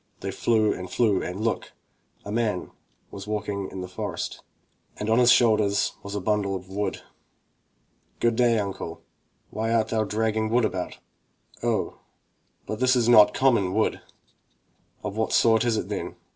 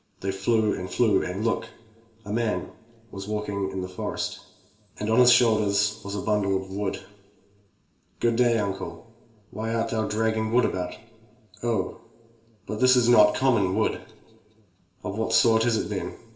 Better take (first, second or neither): first